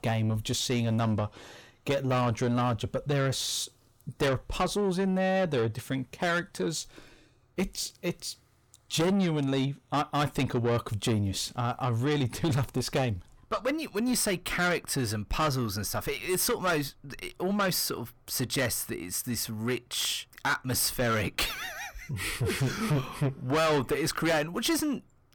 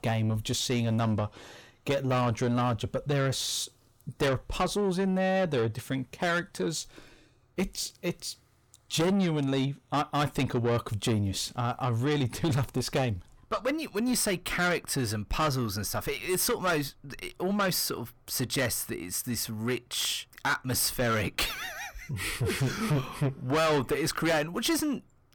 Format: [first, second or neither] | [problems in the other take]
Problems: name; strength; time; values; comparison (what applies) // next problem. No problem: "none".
neither | distortion; heavy; 7 dB below the speech; the same in both